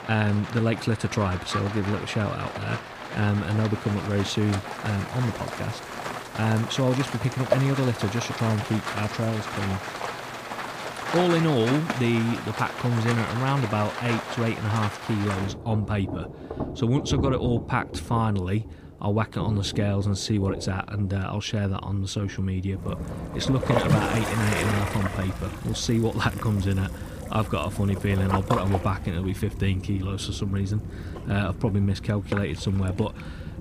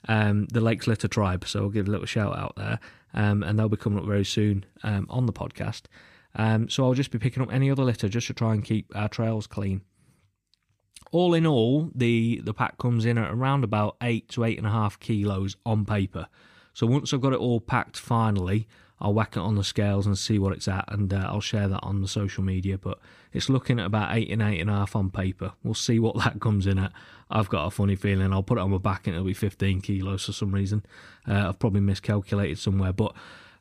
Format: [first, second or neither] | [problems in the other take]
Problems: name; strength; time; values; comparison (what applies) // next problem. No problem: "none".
second | rain or running water; loud; throughout; 6 dB below the speech